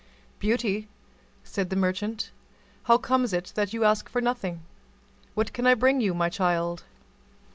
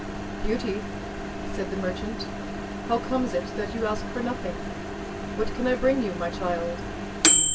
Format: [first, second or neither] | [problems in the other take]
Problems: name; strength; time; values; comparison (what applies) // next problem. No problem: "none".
first | background sound (Microwave oven); 1 dB above the speech // room echo; dies away in 0.1 s